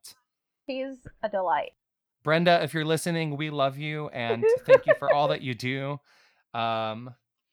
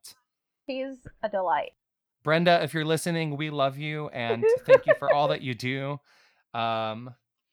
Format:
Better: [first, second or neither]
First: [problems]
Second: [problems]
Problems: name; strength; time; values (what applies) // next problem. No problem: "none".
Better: neither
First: none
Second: none